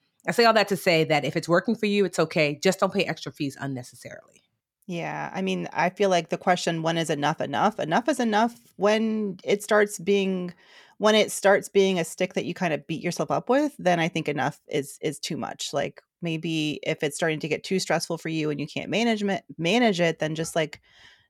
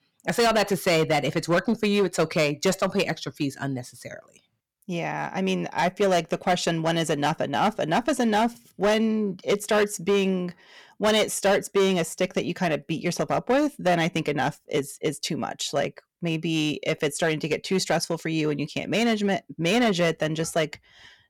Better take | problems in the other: first | distortion; slight; 7% of the sound clipped

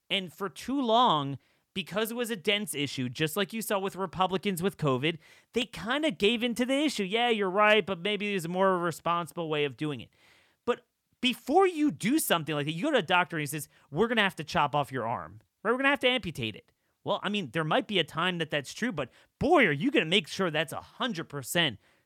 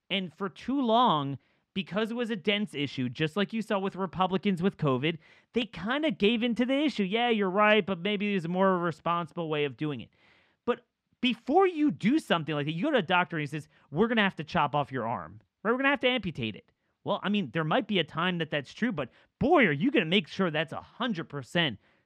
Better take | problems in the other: first | muffled; slightly; fading above 3.5 kHz

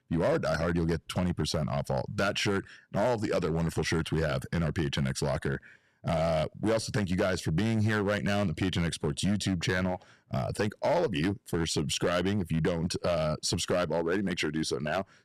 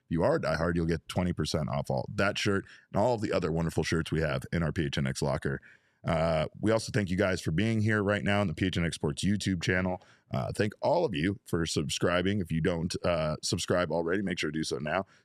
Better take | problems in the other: second | distortion; slight; 6% of the sound clipped

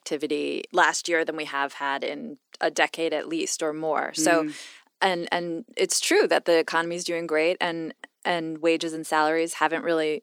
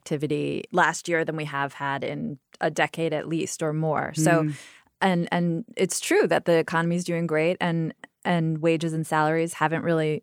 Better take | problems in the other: second | thin; somewhat; fading below 250 Hz

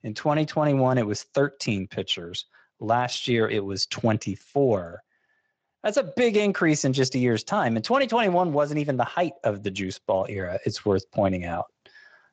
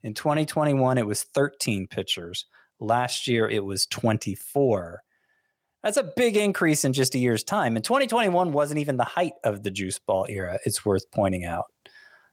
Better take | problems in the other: second | garbled, watery; slightly; nothing above 7.5 kHz

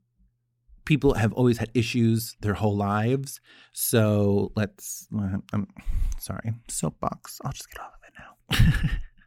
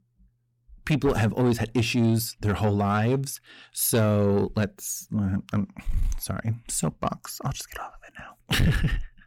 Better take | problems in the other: first | distortion; slight; 10 dB below the speech

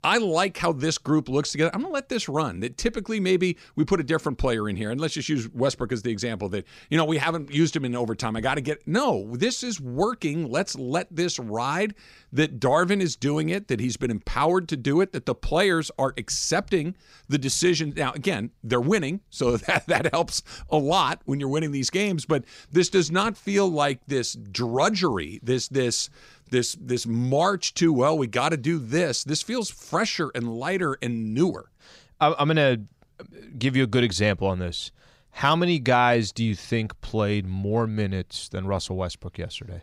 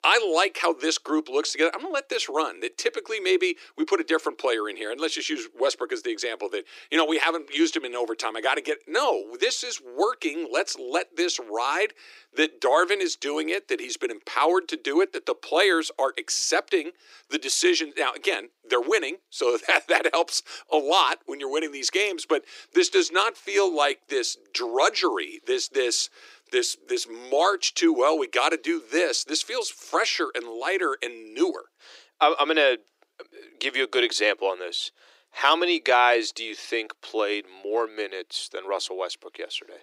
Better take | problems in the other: first | thin; very; fading below 300 Hz

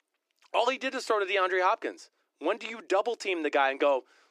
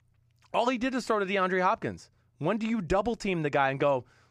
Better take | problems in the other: second | thin; somewhat; fading below 300 Hz

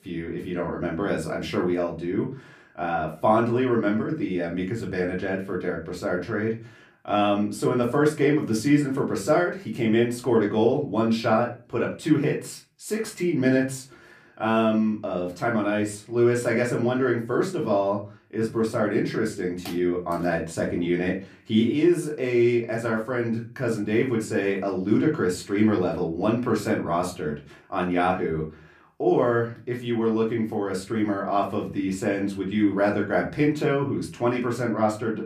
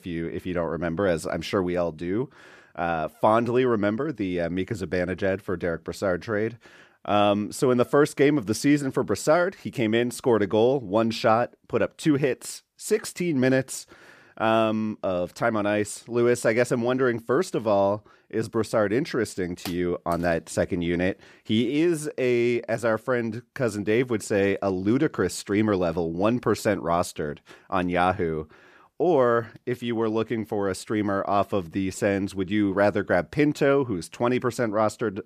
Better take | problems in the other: second | off-mic speech; far // room echo; very slight; dies away in 0.3 s

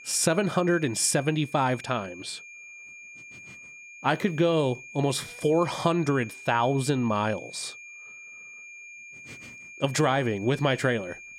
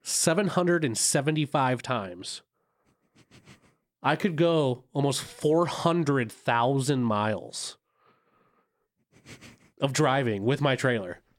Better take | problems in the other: second | high-pitched whine; noticeable; throughout; 2.5 kHz, 15 dB below the speech

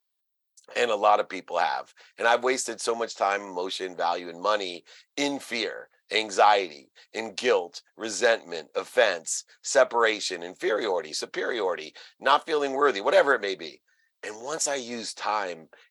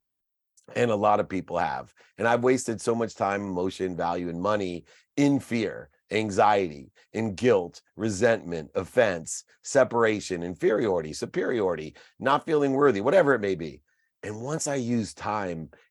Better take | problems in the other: second | thin; somewhat; fading below 550 Hz

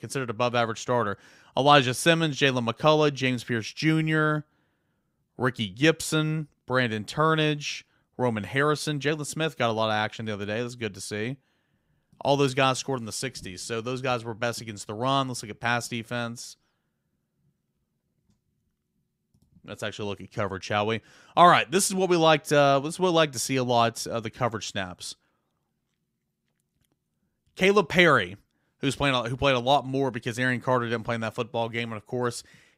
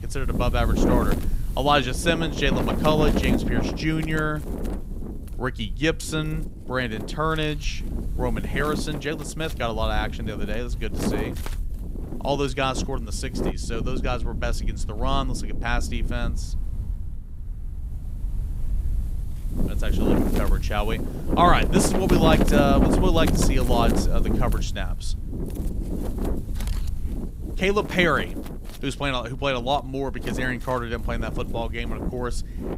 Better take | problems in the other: first | wind noise on the microphone; heavy; 7 dB below the speech

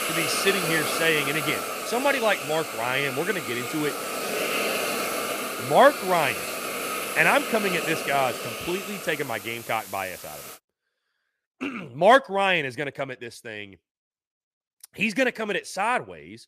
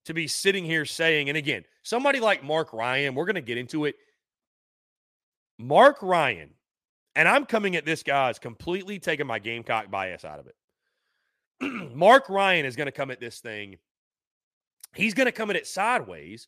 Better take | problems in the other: second | hiss; loud; until 11 s; 5 dB below the speech

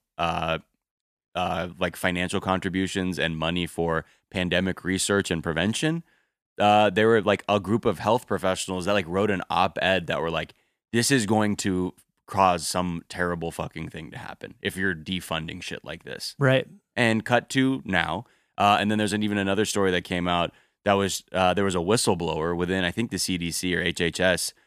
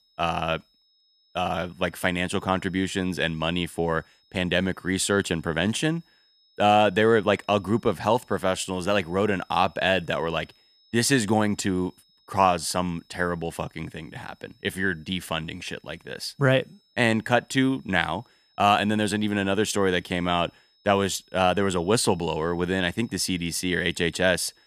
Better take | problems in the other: first | high-pitched whine; faint; throughout; 5 kHz, 35 dB below the speech

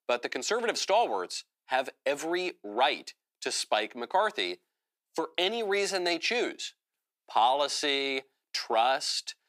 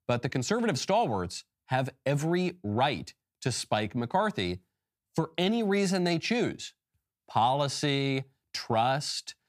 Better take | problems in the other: second | thin; very; fading below 350 Hz

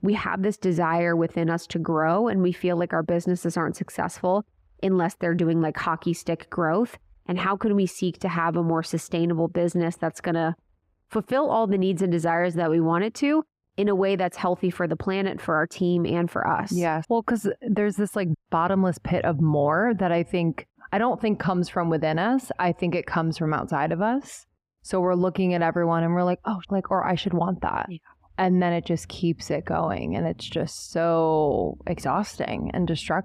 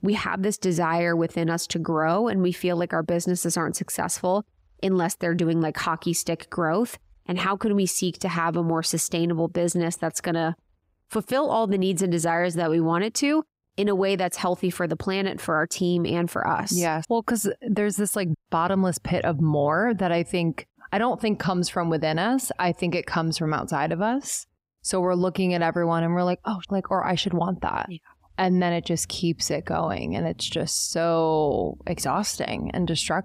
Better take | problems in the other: second | muffled; slightly; fading above 3.5 kHz

